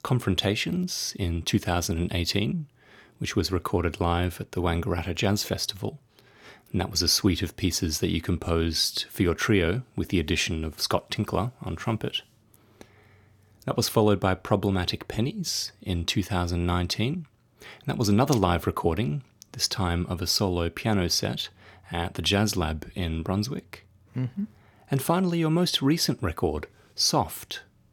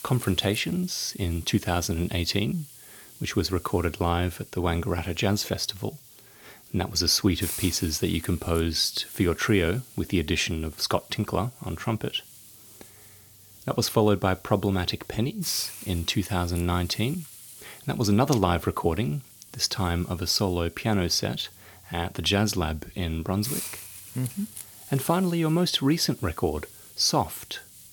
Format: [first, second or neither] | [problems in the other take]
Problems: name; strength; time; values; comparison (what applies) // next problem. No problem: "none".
first | hiss; noticeable; throughout; 15 dB below the speech